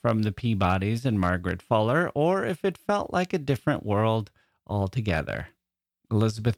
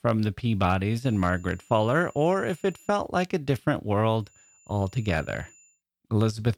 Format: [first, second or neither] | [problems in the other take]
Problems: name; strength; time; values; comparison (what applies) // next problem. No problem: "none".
first | high-pitched whine; faint; from 1 to 3 s and from 4.5 to 5.5 s; 7 kHz, 30 dB below the speech